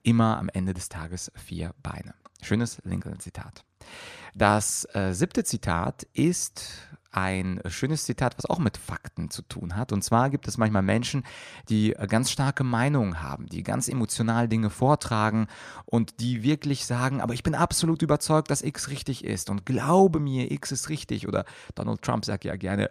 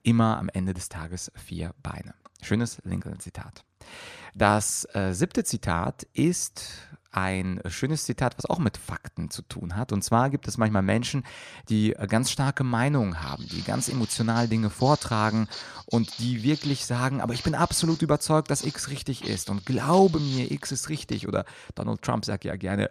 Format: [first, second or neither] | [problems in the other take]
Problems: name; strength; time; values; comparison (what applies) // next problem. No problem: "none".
first | footsteps; noticeable; from 13 to 21 s; peak 10 dB below the speech